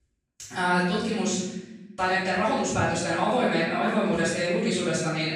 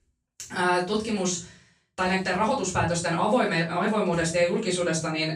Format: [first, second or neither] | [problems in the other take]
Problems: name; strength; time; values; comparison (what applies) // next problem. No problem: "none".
second | room echo; strong; dies away in 1 s; slight in the second // off-mic speech; far; far in the second